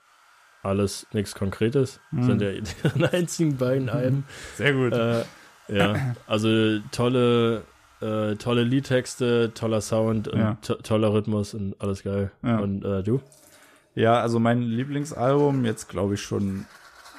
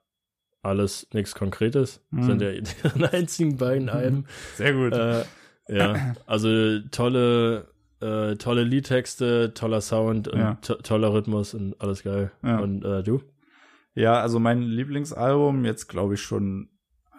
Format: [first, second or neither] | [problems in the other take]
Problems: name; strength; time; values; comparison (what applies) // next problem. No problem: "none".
second | household noises; faint; throughout; 30 dB below the speech